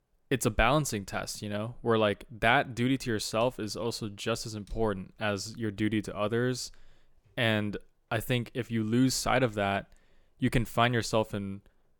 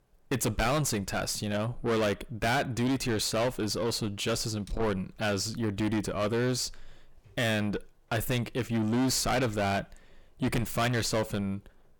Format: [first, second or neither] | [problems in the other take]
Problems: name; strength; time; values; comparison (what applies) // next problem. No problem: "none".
first | distortion; heavy; 6 dB below the speech